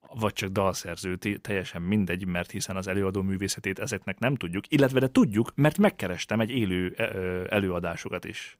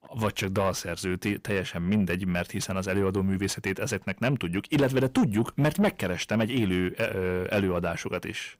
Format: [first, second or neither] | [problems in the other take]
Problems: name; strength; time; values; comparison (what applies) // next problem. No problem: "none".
first | distortion; slight; 10 dB below the speech